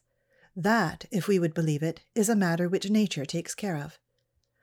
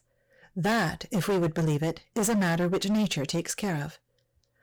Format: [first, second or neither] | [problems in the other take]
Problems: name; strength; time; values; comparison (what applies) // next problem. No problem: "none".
first | distortion; heavy; 16% of the sound clipped